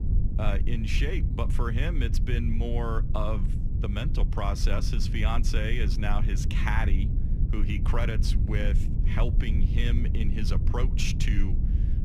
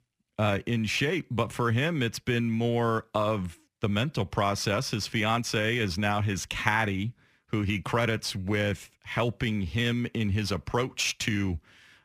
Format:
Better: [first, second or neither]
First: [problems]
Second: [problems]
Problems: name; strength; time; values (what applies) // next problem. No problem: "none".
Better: second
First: low rumble; loud; throughout; 8 dB below the speech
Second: none